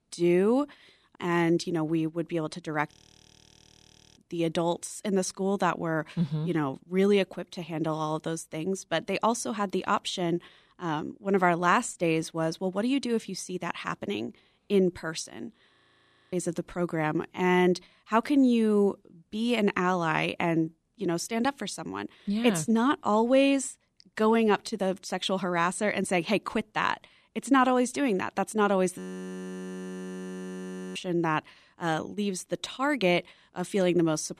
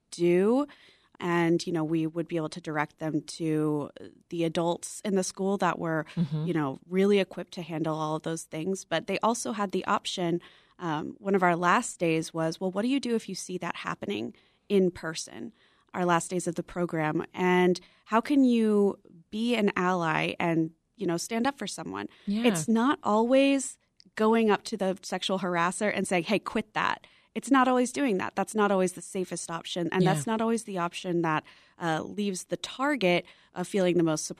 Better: second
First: audio freezing; at 3 s for 1 s, at 16 s for 0.5 s and at 29 s for 2 s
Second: none

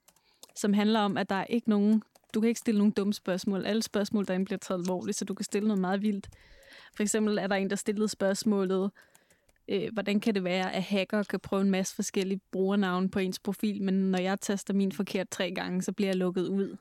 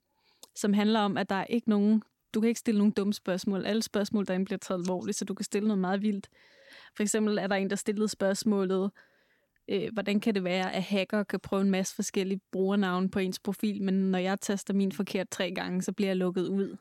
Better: second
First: household noises; faint; throughout; 30 dB below the speech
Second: none

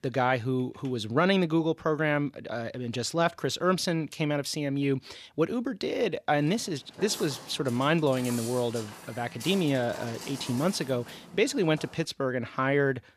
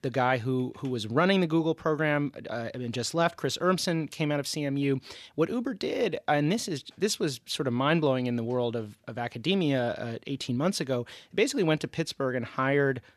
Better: second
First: footsteps; noticeable; from 6.5 to 12 s; peak 9 dB below the speech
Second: none

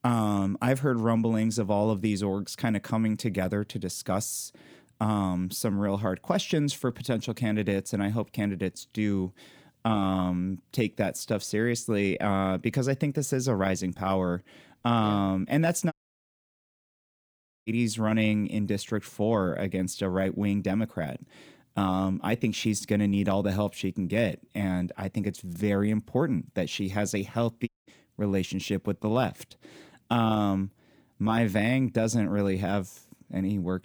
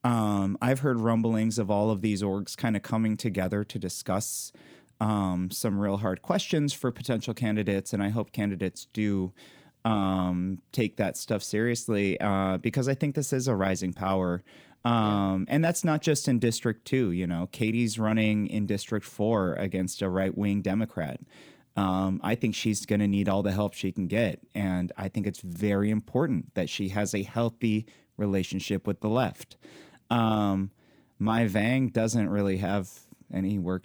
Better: second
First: audio cutting out; at 16 s for 1.5 s and at 28 s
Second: none

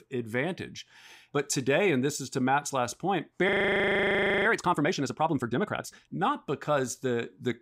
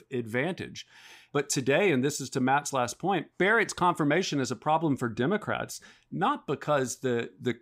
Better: second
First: audio freezing; at 3.5 s for 1 s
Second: none

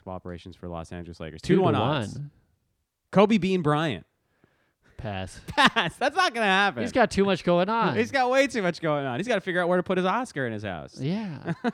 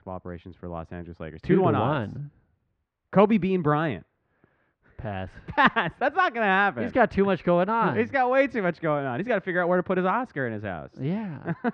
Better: first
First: none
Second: muffled; very; fading above 2 kHz

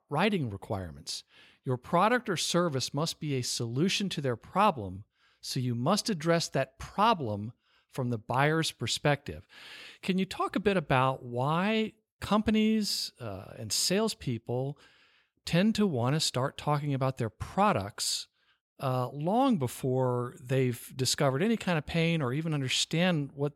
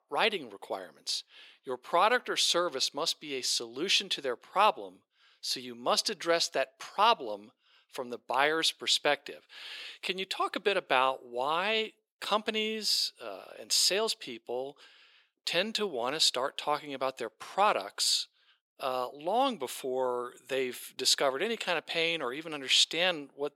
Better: first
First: none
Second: thin; very; fading below 350 Hz

